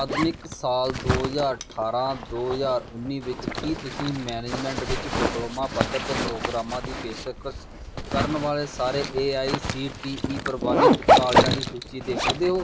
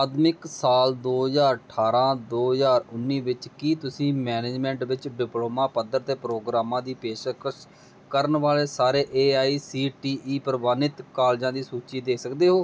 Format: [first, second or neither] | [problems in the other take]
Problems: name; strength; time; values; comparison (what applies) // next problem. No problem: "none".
second | background sound (Zipper (clothing)); 2 dB above the speech